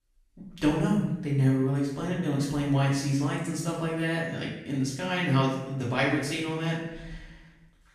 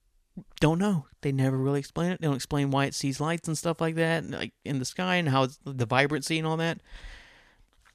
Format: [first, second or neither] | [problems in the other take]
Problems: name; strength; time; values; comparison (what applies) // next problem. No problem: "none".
second | off-mic speech; far // room echo; noticeable; dies away in 0.8 s